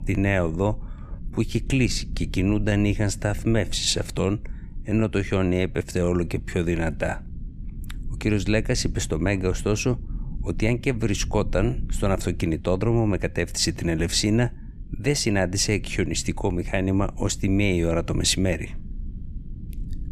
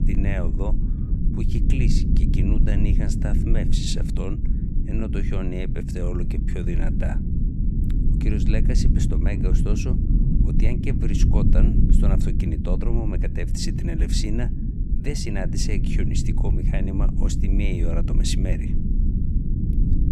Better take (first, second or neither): first